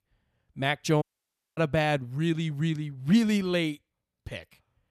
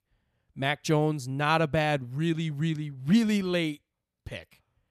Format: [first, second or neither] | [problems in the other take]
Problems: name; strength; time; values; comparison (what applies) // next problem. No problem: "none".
second | audio cutting out; at 1 s for 0.5 s